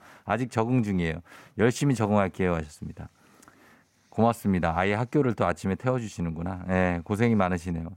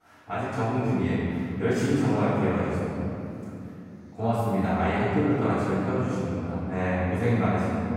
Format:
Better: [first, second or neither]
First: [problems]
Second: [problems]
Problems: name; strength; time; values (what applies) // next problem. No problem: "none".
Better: first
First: none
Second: room echo; strong; dies away in 2.9 s // off-mic speech; far